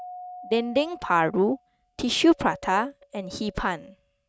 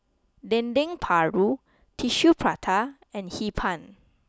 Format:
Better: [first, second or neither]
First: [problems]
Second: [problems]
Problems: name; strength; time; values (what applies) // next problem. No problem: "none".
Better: second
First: noise reduction (neural mask model RNNoise)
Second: none